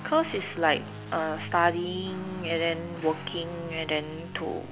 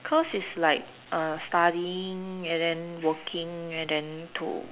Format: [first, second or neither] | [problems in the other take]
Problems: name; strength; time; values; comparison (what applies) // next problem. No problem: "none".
second | background sound (Guitar); 11 dB below the speech